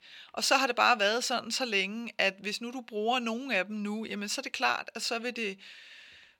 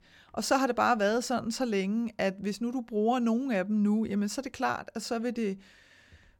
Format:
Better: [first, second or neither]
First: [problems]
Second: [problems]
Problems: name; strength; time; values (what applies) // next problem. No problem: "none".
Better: second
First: thin; somewhat; fading below 700 Hz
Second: none